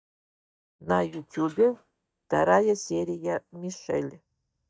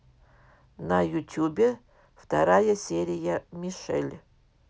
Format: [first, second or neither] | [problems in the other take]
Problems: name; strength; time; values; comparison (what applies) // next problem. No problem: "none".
second | noise reduction (neural mask model DeepFilterNet 3)